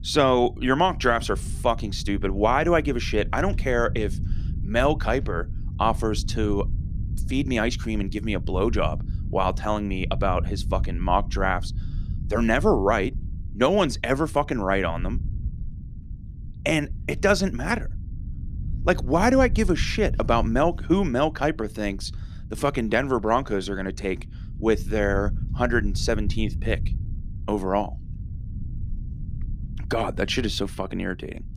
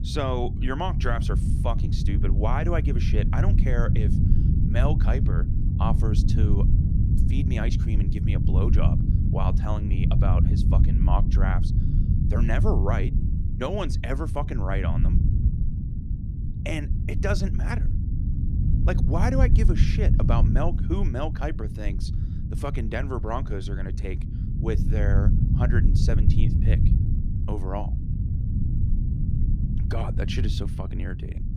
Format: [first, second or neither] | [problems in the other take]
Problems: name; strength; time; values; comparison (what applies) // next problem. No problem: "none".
first | low rumble; loud; throughout; 5 dB below the speech; faint in the first